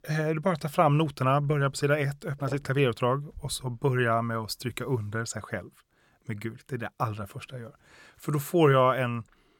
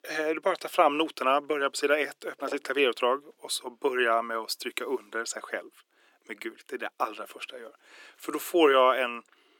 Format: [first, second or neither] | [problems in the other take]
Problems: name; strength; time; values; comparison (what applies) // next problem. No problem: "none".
first | thin; somewhat; fading below 300 Hz